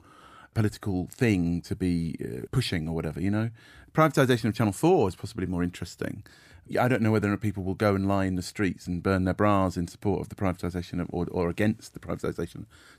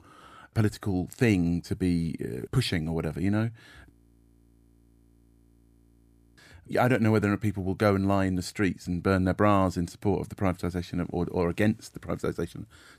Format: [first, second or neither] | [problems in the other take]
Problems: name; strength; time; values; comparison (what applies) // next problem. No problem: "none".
first | audio freezing; at 4 s for 2.5 s